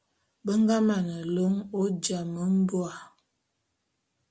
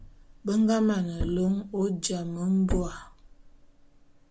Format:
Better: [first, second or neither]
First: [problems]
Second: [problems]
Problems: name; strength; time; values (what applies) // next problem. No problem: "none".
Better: first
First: none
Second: background sound (Thump, thud); 10 dB below the speech